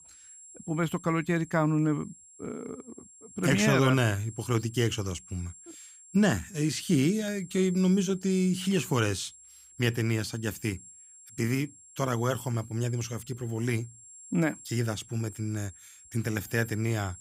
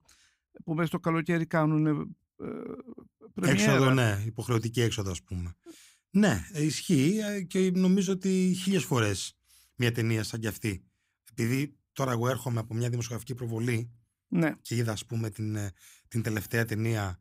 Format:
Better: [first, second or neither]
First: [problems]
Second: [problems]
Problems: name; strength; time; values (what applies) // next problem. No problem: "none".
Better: second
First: high-pitched whine; noticeable; throughout; 7.5 kHz, 20 dB below the speech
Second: none